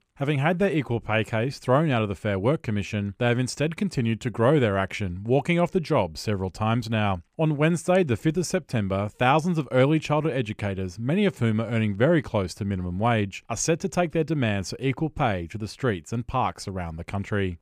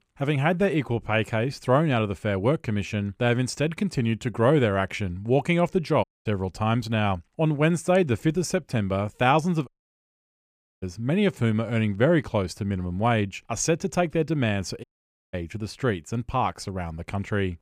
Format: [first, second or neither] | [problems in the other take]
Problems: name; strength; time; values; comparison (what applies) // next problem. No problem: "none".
first | audio cutting out; at 6 s, at 9.5 s for 1 s and at 15 s